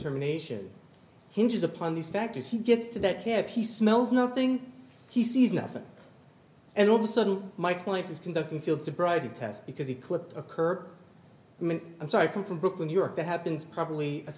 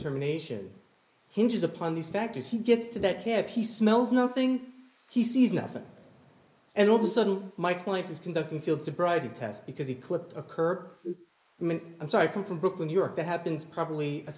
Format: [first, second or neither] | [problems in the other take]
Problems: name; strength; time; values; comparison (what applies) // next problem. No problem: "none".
first | noise reduction (neural mask model Resemble Enhance denoiser)